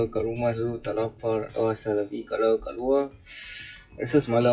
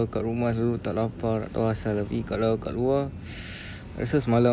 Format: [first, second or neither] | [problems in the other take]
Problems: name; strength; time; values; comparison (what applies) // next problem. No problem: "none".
second | noise reduction (classical method WPE with log-MMSE)